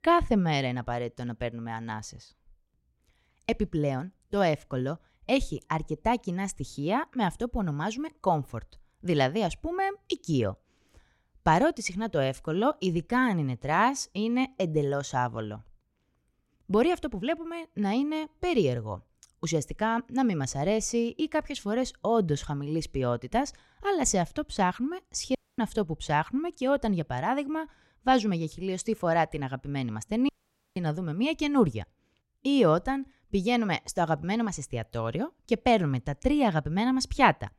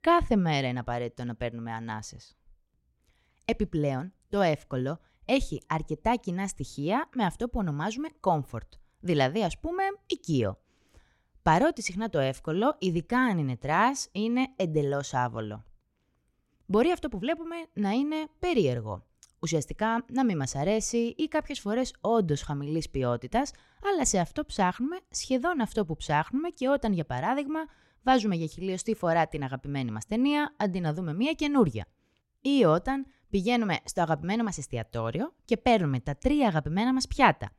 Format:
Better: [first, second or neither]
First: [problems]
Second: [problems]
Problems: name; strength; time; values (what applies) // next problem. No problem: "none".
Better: second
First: audio cutting out; at 25 s and at 30 s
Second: none